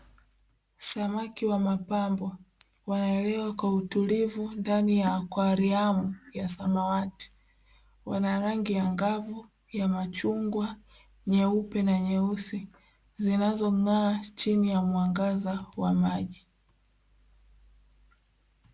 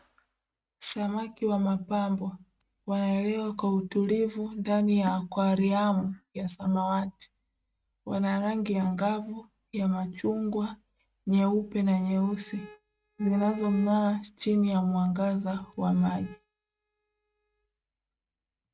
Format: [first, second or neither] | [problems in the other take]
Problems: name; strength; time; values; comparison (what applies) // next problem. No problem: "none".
first | noise reduction (neural mask model RNNoise)